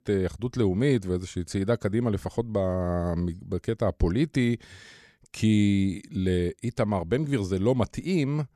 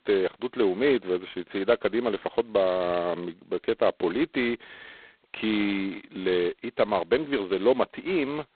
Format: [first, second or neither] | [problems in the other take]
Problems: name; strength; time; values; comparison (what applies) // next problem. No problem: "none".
first | phone-call audio; poor line; nothing above 4 kHz